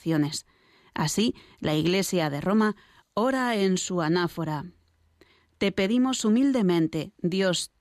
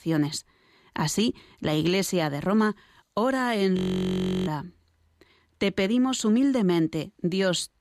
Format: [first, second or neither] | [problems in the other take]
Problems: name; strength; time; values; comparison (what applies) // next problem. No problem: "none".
first | audio freezing; at 4 s for 0.5 s